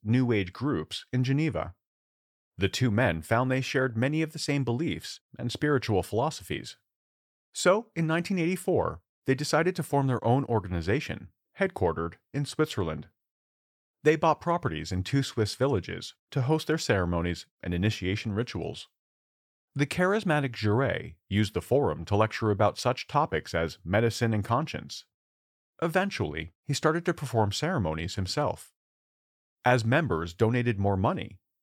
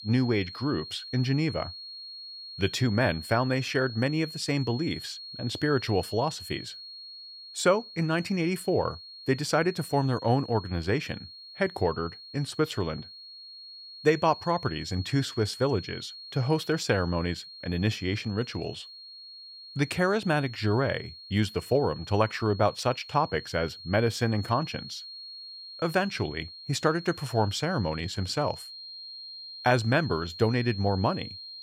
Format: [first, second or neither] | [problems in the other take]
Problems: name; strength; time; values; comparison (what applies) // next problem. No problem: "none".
first | high-pitched whine; noticeable; throughout; 4.5 kHz, 15 dB below the speech